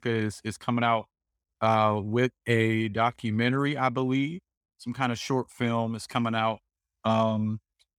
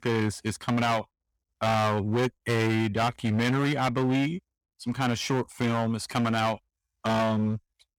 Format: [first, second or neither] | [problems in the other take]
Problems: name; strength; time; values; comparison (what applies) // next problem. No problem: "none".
first | distortion; heavy; 20% of the sound clipped